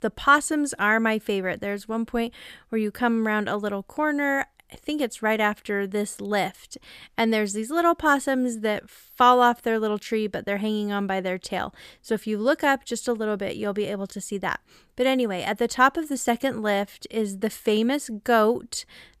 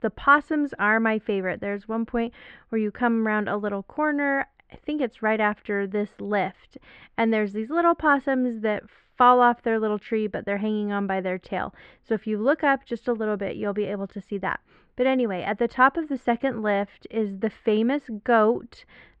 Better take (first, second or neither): first